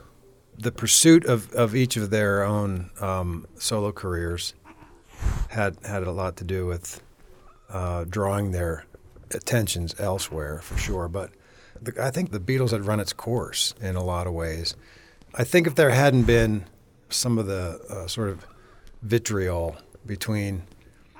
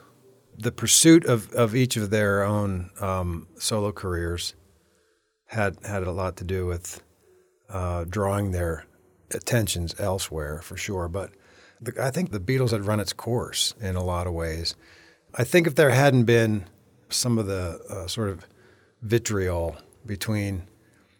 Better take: second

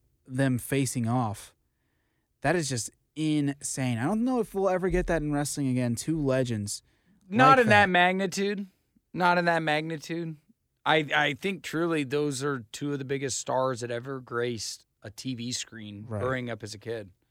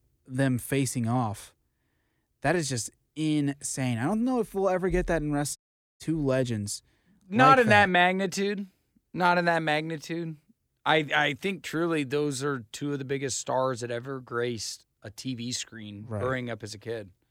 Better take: first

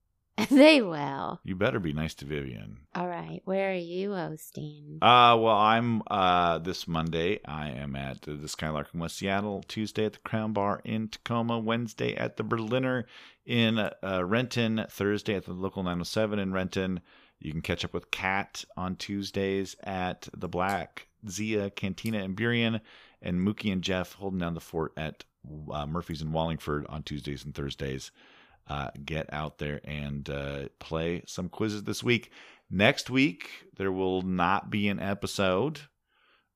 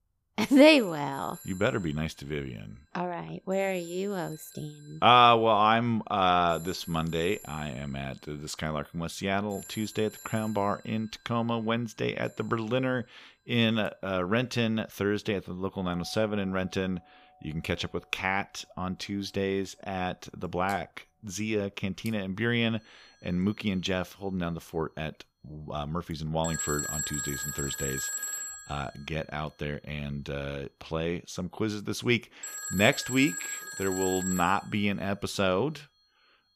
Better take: first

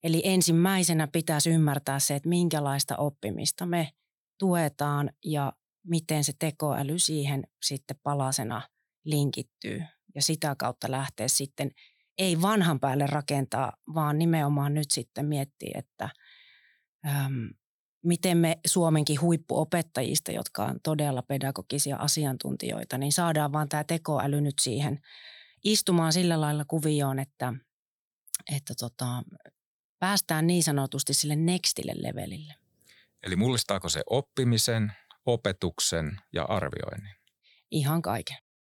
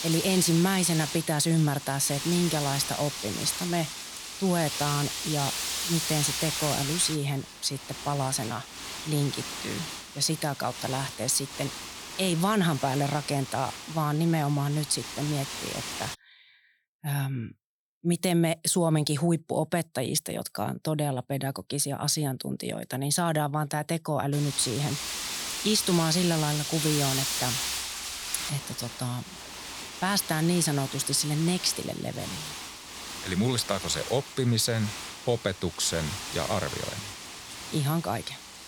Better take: first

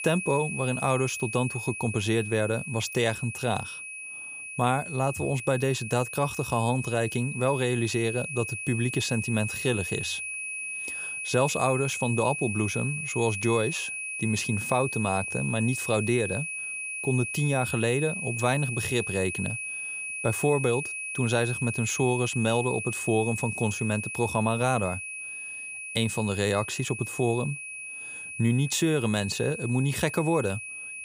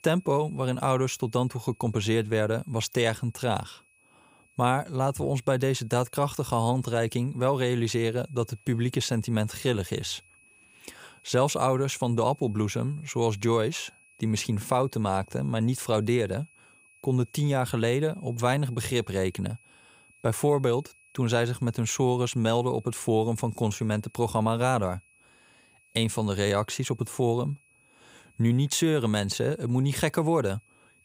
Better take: second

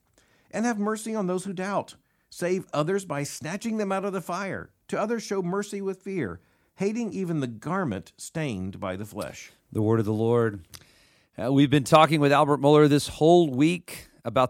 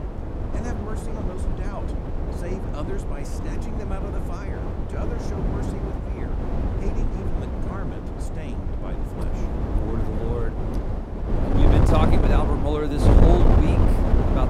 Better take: first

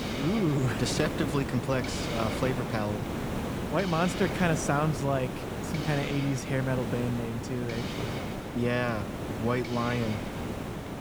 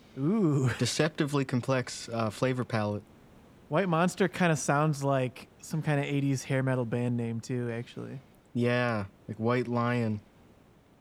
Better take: second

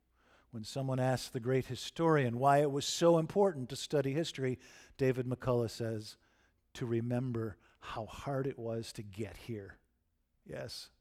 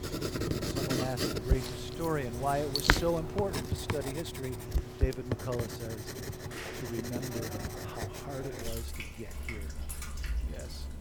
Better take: first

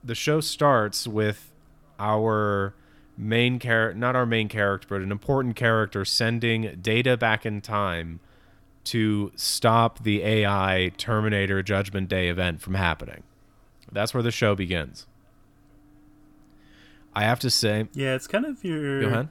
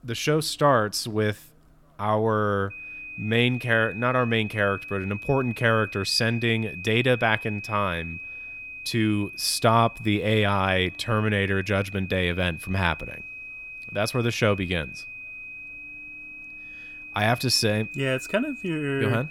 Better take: first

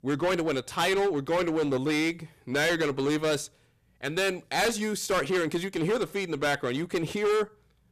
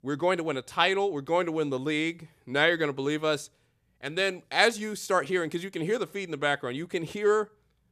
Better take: second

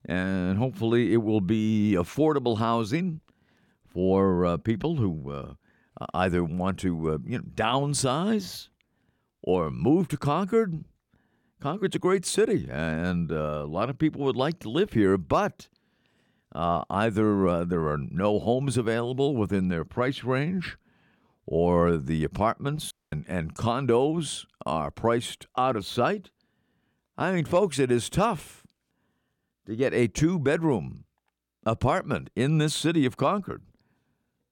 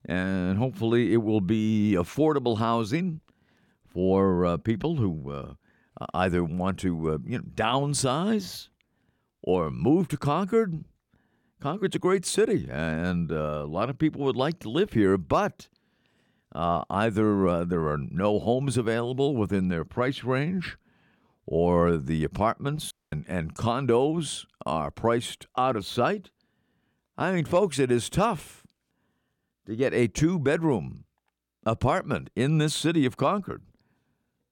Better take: neither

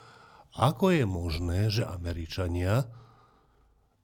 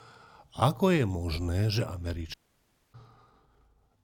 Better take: first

